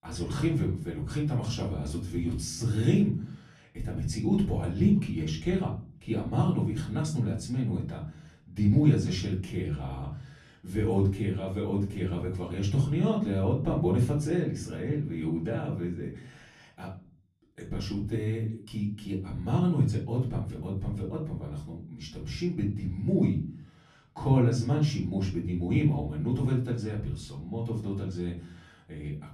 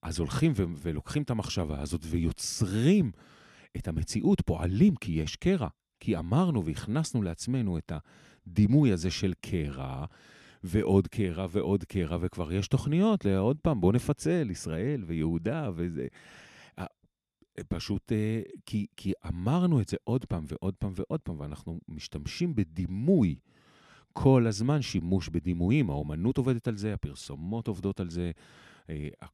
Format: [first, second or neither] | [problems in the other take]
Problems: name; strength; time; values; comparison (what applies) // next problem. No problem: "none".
second | off-mic speech; far // room echo; slight; dies away in 0.4 s